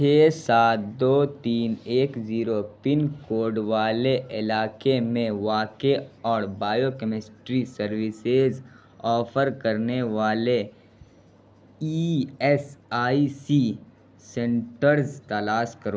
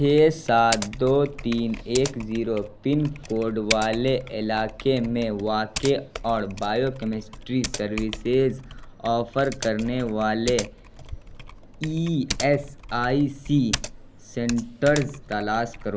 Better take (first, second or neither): first